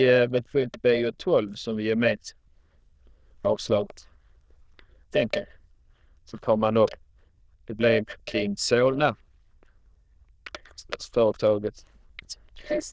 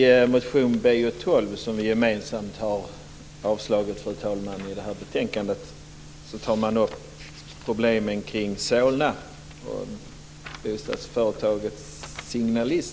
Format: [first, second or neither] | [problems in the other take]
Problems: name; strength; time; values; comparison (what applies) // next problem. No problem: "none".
second | noise reduction (neural diffusion model UNIVERSE++)